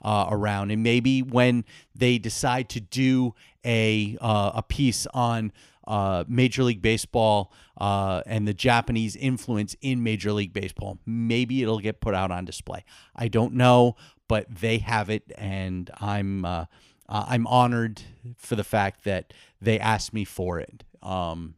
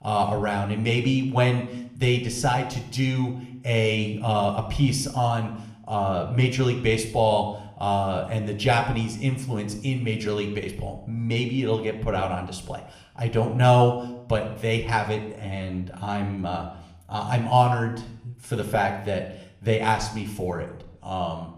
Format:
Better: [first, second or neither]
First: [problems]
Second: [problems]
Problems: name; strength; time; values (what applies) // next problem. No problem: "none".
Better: first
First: none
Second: room echo; slight; dies away in 0.6 s // off-mic speech; somewhat distant